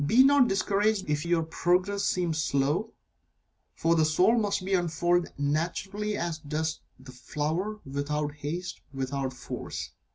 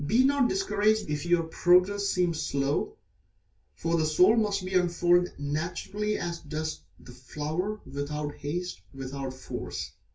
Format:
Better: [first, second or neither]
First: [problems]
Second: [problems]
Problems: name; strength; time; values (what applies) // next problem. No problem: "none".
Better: first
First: none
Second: room echo; dies away in 0.2 s